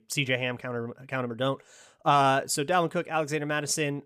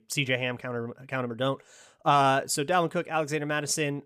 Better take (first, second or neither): neither